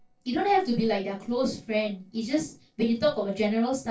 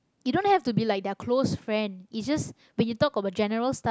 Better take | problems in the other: second | noise reduction (neural separator model SepFormer DNS4)

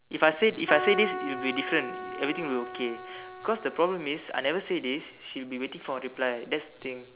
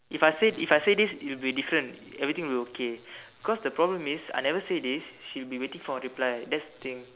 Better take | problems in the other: second | background sound (Keyboard (musical)); 7 dB below the speech

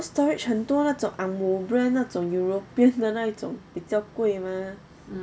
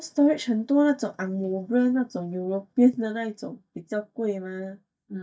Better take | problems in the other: first | noise reduction (neural mask model DeepFilterNet 3)

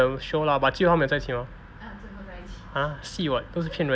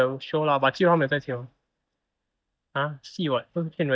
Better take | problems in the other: first | noise reduction (neural mask model DeepFilterNet 3)

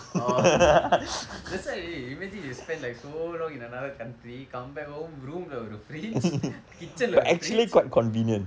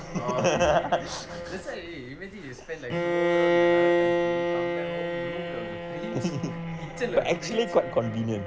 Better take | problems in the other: first | background sound (Bowed string instrument); 1 dB above the speech

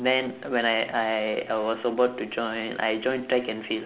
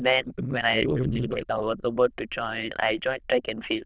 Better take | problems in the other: first | noise reduction (neural diffusion model UNIVERSE++)

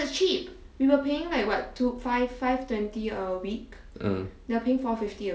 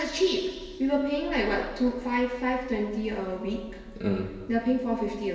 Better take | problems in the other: first | room echo; dies away in 2.1 s

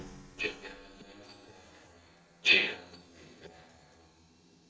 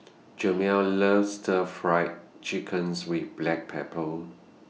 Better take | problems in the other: second | noise reduction (neural mask model DeepFilterNet 3)

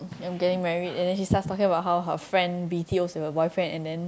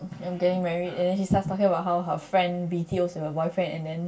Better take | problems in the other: first | room echo; dies away in 0.2 s

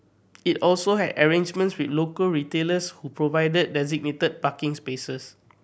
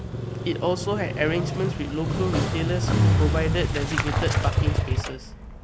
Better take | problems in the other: first | background sound (Motorcycle); 4 dB above the speech

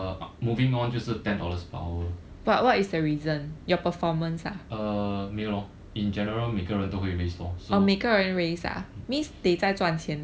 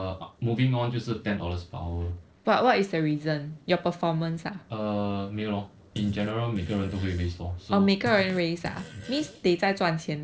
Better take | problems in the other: first | noise reduction (neural separator model SepFormer DNS4)

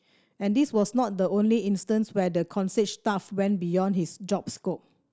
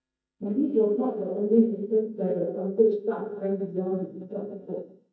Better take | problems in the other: first | noise reduction (neural mask model DeepFilterNet 3)

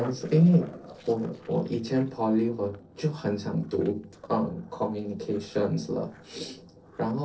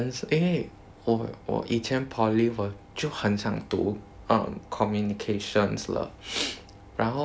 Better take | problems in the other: second | noise reduction (neural separator model SepFormer DNS4)

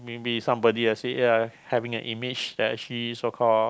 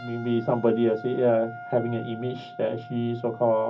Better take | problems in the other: first | background sound (Wind instrument, woodwind instrument); 16 dB below the speech // room echo; dies away in 0.4 s

